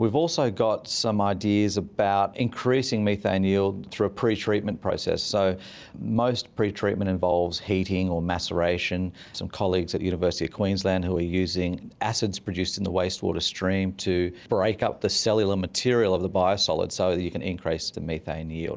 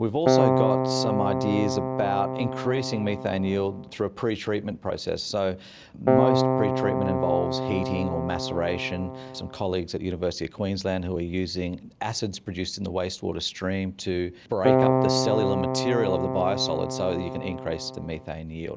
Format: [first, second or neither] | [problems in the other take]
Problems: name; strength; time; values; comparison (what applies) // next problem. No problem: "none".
first | background sound (Keyboard (musical)); 2 dB above the speech